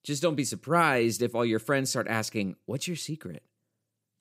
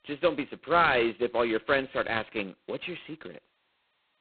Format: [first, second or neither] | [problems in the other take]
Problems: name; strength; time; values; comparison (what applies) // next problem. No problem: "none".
first | phone-call audio; poor line; nothing above 4 kHz